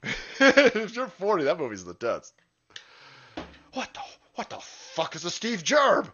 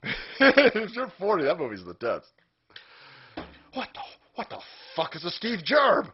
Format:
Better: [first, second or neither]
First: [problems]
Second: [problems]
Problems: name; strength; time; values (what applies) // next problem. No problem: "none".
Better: first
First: garbled, watery; slightly; nothing above 6.5 kHz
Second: garbled, watery; badly; nothing above 5.5 kHz